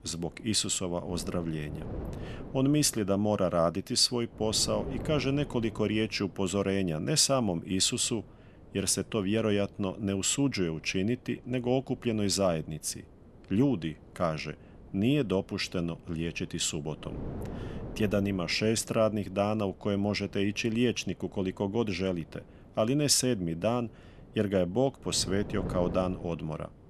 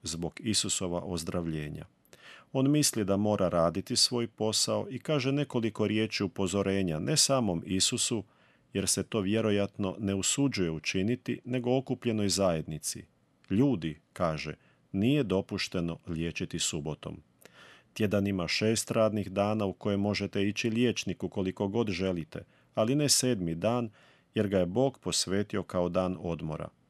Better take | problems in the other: second | wind noise on the microphone; occasional gusts; 20 dB below the speech

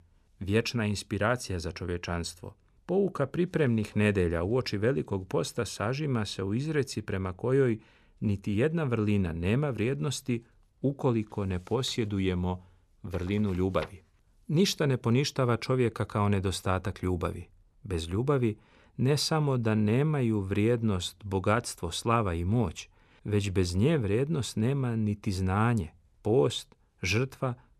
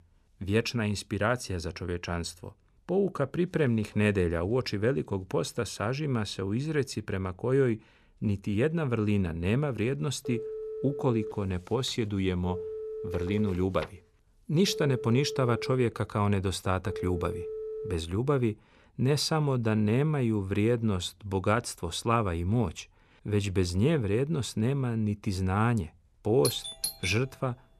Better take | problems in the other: first | phone ringing; noticeable; from 10 to 18 s; peak 8 dB below the speech // doorbell; noticeable; at 26 s; peak 4 dB below the speech

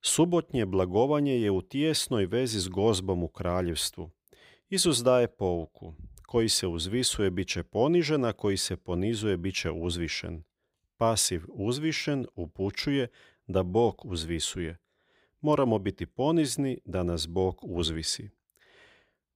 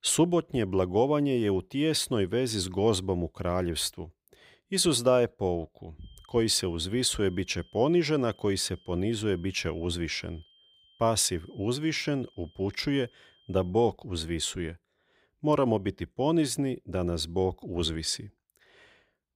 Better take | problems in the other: first | high-pitched whine; faint; from 6 to 14 s; 3 kHz, 30 dB below the speech

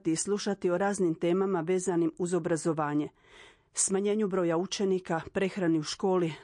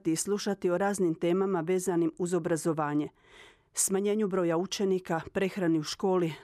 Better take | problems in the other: second | garbled, watery; slightly; nothing above 9 kHz

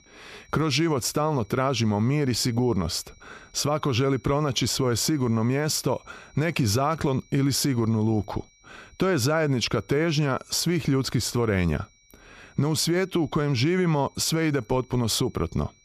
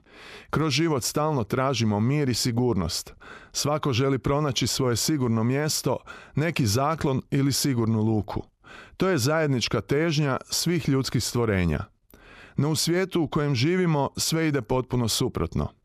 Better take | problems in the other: second | high-pitched whine; faint; throughout; 2.5 kHz, 30 dB below the speech

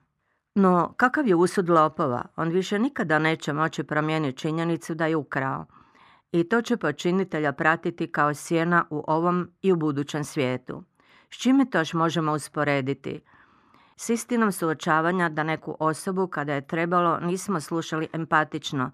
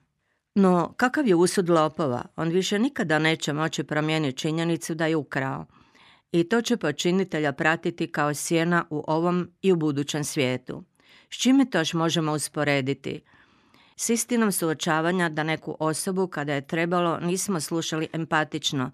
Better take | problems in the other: second | muffled; slightly; fading above 2.5 kHz

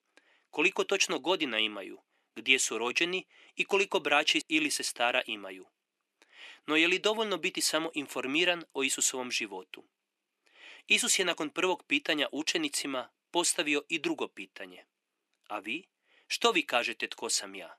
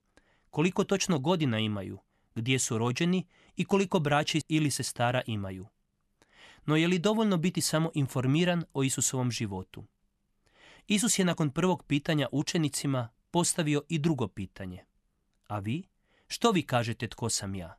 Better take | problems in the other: second | thin; somewhat; fading below 300 Hz

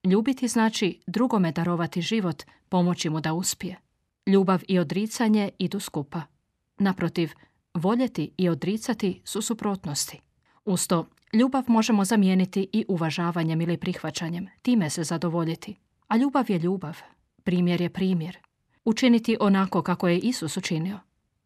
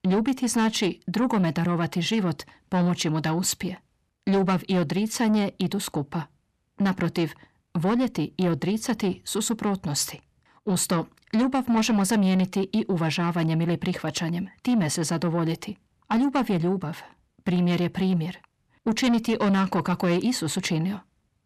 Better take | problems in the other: first | distortion; slight; 10 dB below the speech

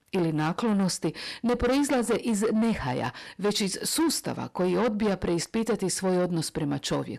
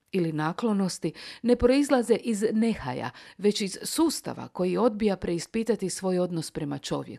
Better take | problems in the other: second | distortion; heavy; 7 dB below the speech

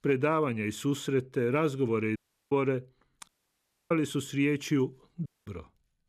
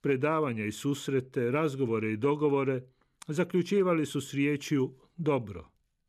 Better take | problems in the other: second | audio cutting out; at 2 s, at 3.5 s for 0.5 s and at 5.5 s

